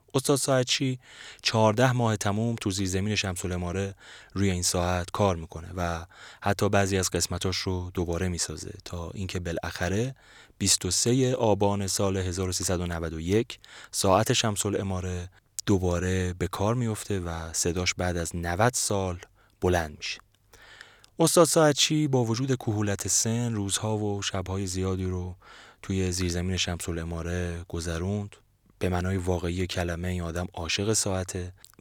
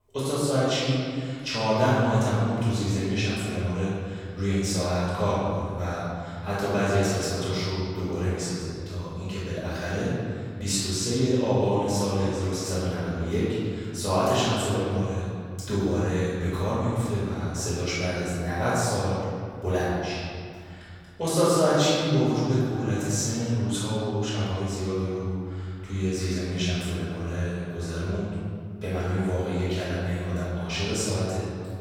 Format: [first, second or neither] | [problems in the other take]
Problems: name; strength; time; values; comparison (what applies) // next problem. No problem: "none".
first | off-mic speech; far // room echo; strong; dies away in 2.4 s